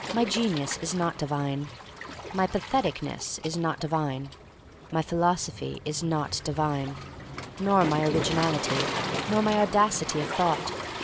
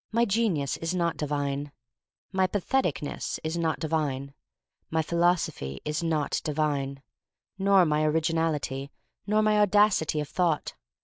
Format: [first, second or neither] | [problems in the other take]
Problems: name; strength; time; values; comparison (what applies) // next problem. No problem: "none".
second | background sound (Waves, surf); 7 dB below the speech